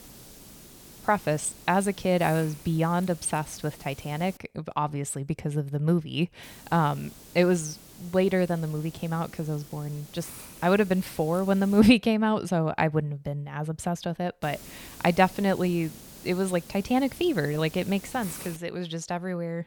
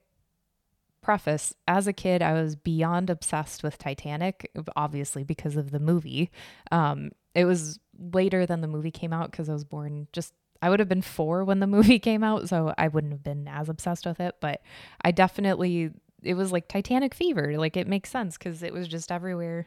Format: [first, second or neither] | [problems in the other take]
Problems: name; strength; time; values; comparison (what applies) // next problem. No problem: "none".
second | hiss; noticeable; until 4.5 s, from 6.5 to 12 s and from 14 to 19 s; 20 dB below the speech